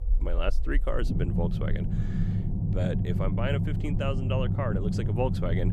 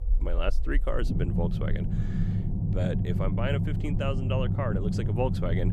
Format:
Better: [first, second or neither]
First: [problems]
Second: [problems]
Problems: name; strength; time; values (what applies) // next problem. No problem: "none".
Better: neither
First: low rumble; loud; throughout; 5 dB below the speech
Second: low rumble; loud; throughout; 5 dB below the speech